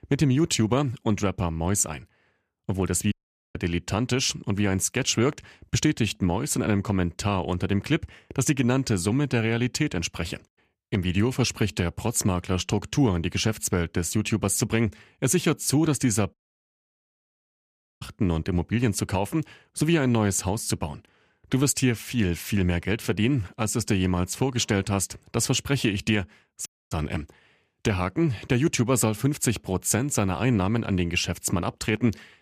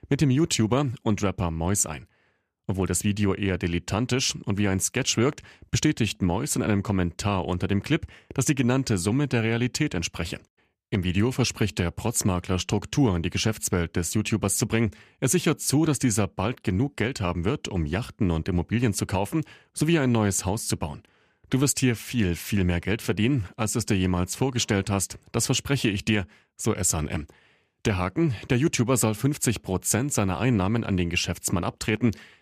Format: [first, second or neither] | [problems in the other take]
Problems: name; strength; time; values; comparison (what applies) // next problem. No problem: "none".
second | audio cutting out; at 3 s, at 16 s for 1.5 s and at 27 s